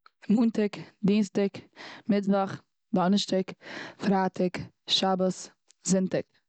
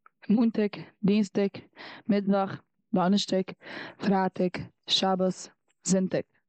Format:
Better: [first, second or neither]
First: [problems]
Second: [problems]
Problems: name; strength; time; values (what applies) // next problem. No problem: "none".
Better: first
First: none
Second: noise reduction (neural mask model Resemble Enhance denoiser)